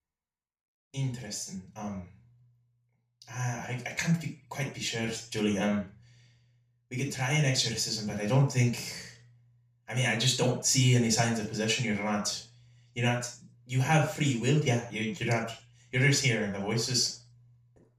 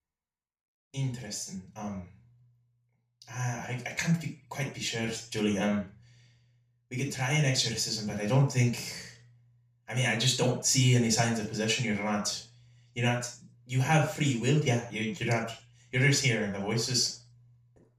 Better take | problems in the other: neither | room echo; noticeable; dies away in 0.4 s; the same in both // off-mic speech; far; the same in both

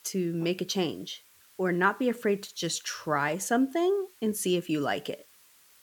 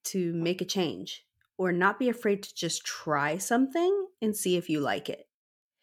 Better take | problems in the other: second | hiss; faint; throughout; 25 dB below the speech

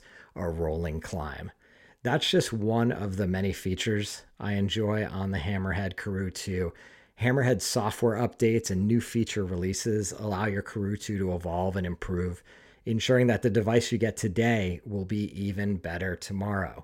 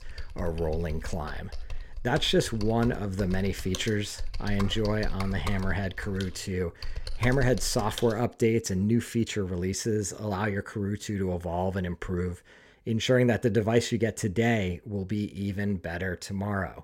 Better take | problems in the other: first | keyboard typing; noticeable; until 8 s; peak 8 dB below the speech

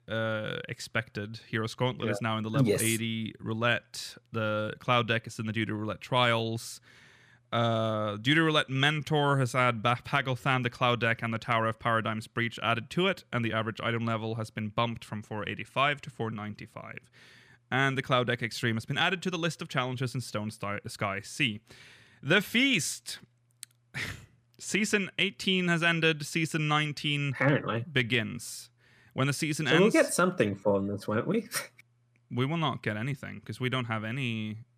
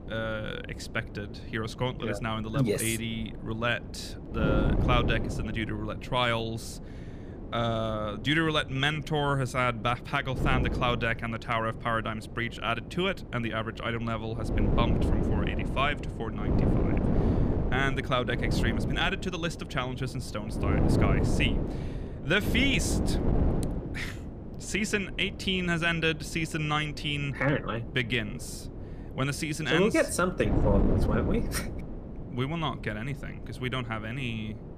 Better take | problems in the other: first | wind noise on the microphone; heavy; 10 dB below the speech

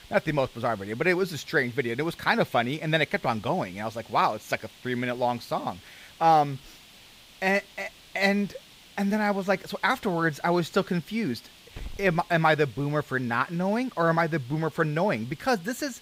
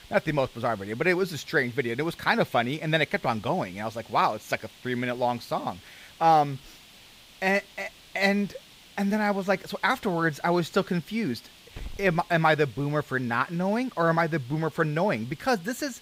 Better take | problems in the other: neither | hiss; faint; throughout; 25 dB below the speech; the same in both

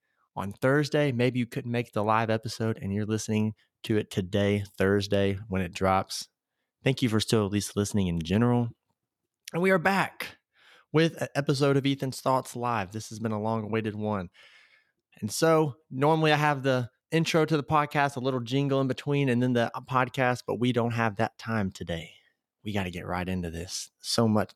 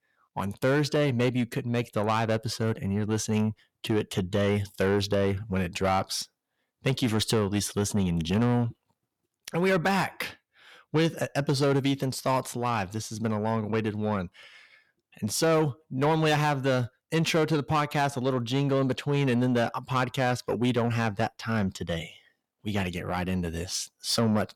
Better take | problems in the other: first | distortion; slight; 10 dB below the speech

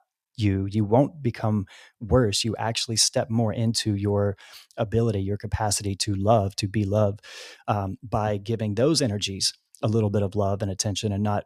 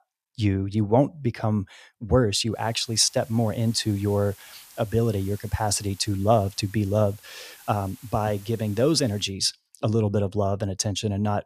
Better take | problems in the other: first | hiss; faint; from 2.5 to 9.5 s; 25 dB below the speech

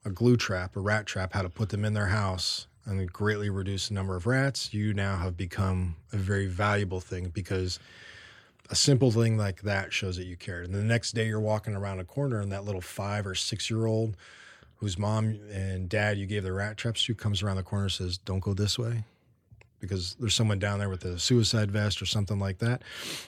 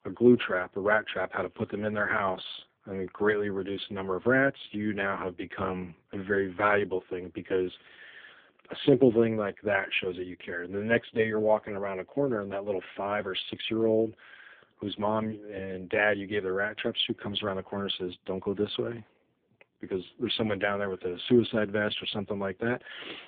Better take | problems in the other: first | phone-call audio; poor line

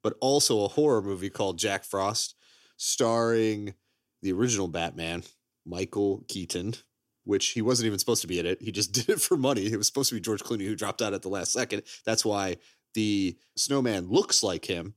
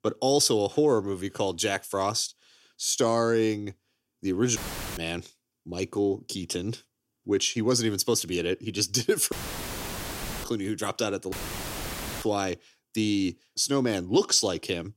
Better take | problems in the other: first | audio cutting out; filled with static; at 4.5 s, at 9.5 s for 1 s and at 11 s for 1 s

